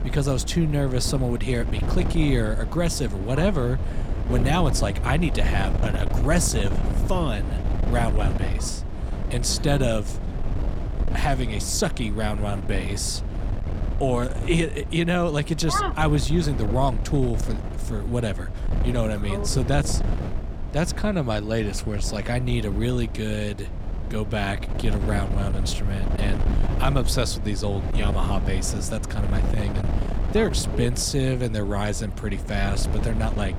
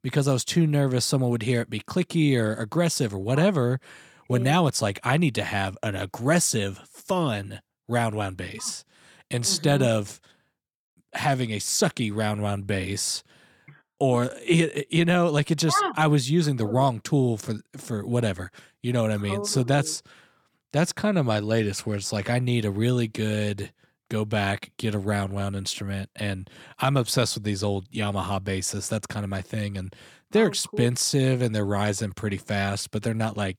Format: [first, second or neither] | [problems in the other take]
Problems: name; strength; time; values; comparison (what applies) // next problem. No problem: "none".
second | wind noise on the microphone; heavy; 10 dB below the speech